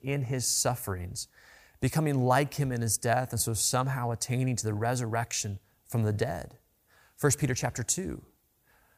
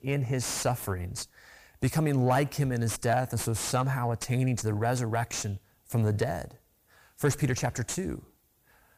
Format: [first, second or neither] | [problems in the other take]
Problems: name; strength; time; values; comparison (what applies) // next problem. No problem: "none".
first | distortion; slight; 10 dB below the speech